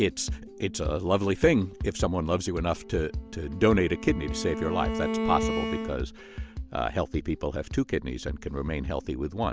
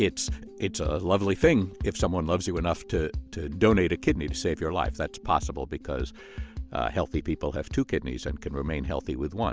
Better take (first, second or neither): second